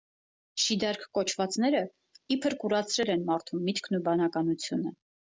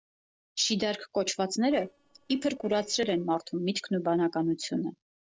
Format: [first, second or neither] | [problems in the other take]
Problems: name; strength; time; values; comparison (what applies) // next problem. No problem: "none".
first | noise reduction (neural separator model SepFormer DNS4)